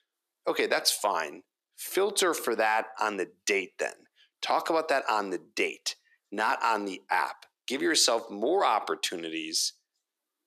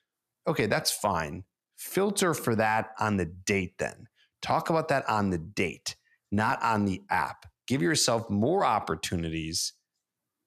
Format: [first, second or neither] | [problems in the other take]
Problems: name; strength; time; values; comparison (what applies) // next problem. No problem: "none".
second | thin; somewhat; fading below 350 Hz